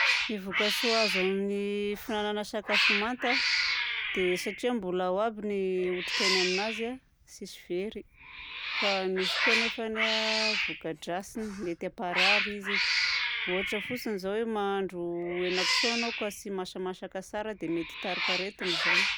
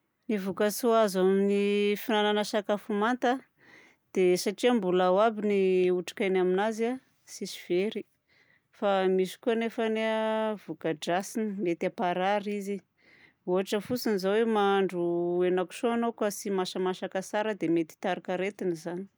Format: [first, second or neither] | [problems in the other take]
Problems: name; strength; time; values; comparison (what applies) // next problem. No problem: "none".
second | background sound (Cat); 1 dB above the speech